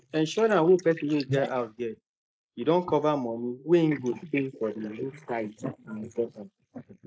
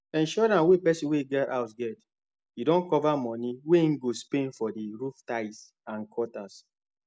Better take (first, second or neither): second